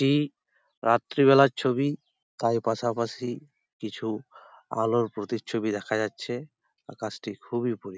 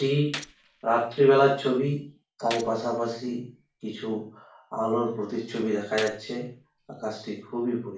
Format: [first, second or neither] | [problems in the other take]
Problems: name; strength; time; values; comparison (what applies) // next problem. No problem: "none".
first | background sound (Gunshot, gunfire); 17 dB below the speech // room echo; dies away in 0.4 s